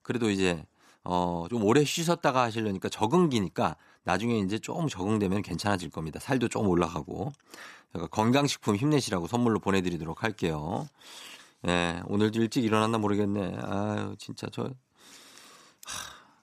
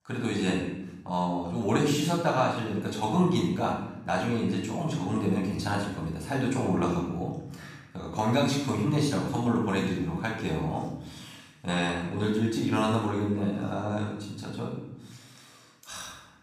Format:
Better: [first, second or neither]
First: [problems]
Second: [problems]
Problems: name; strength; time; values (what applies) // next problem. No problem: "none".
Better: first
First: none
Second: room echo; noticeable; dies away in 0.8 s // off-mic speech; far